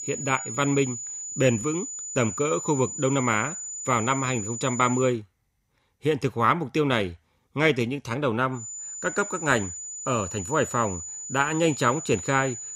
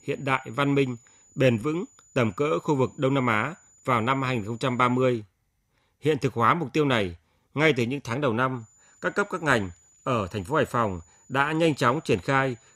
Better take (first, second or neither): second